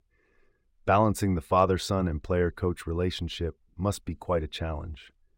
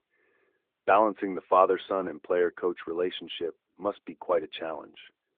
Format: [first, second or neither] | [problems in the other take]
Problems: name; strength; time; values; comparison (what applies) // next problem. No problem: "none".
first | phone-call audio; nothing above 3.5 kHz